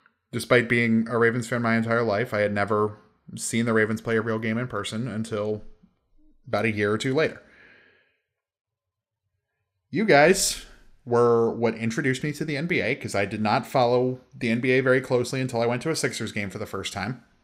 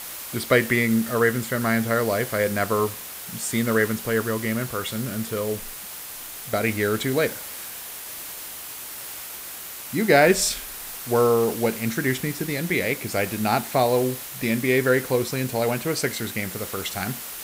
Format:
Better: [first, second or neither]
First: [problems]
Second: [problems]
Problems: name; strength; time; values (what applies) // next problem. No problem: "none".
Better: first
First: none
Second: hiss; loud; throughout; 10 dB below the speech